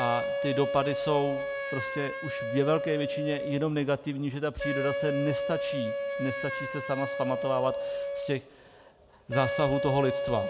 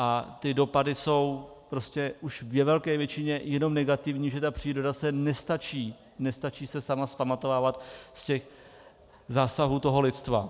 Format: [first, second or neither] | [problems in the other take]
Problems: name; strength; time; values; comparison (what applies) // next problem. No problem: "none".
second | background sound (Wind instrument, woodwind instrument); 2 dB below the speech